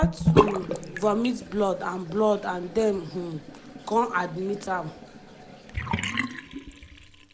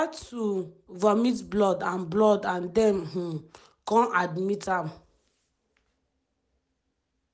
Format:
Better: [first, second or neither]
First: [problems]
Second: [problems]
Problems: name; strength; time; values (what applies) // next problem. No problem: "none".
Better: second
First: background sound (Bathtub (filling or washing) / Sink (filling or washing)); 1 dB below the speech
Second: none